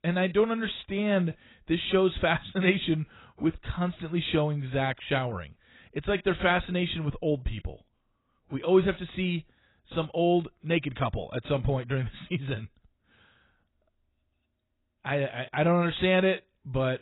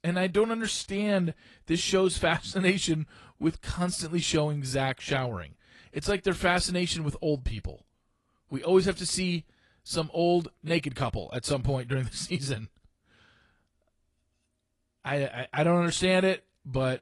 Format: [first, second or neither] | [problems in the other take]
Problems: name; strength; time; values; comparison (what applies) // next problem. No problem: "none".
second | garbled, watery; badly; nothing above 4 kHz; slightly in the second